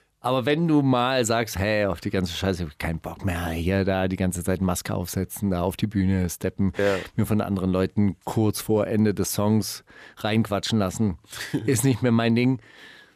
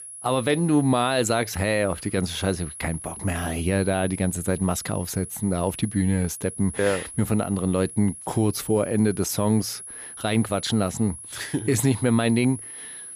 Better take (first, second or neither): first